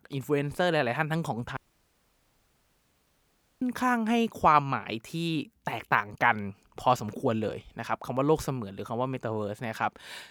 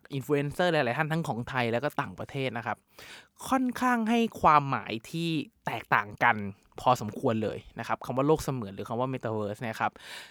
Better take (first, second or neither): second